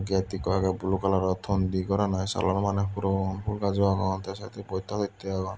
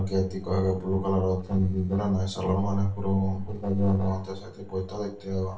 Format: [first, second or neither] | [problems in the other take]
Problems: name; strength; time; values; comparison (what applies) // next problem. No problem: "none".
first | noise reduction (neural separator model SepFormer DNS4)